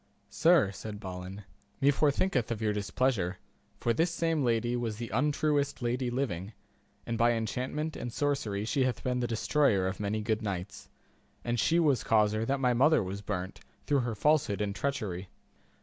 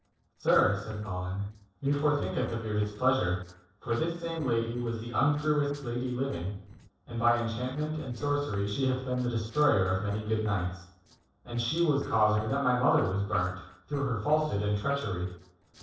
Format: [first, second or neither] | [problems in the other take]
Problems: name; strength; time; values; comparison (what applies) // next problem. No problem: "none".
first | noise reduction (neural separator model SepFormer DNS4)